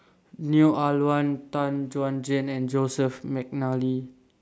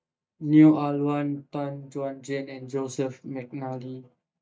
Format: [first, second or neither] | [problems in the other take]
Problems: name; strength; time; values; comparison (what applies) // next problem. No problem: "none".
first | noise reduction (neural mask model DeepFilterNet 3)